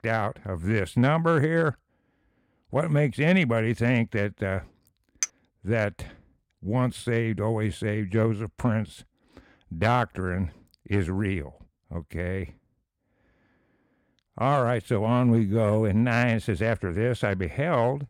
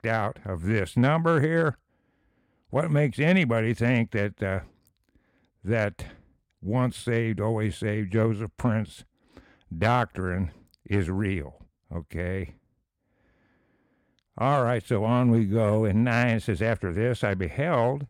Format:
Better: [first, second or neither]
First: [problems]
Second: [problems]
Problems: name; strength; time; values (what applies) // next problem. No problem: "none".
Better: second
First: clattering dishes; very faint; at 5 s; peak 5 dB below the speech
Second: none